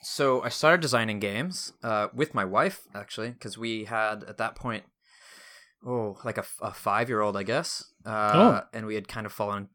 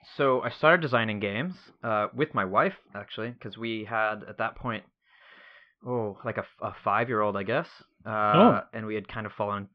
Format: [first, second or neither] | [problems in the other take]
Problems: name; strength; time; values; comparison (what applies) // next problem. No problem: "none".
first | muffled; very; fading above 3.5 kHz